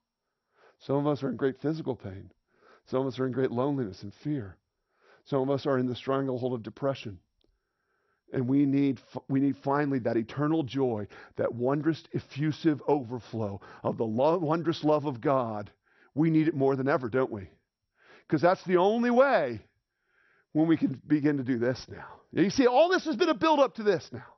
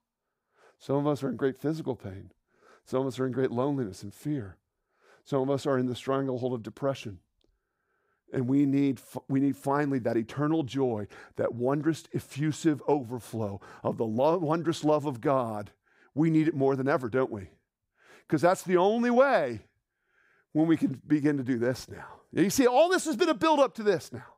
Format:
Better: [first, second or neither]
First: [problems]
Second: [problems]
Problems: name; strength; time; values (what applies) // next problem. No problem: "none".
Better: second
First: garbled, watery; slightly; nothing above 6 kHz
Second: none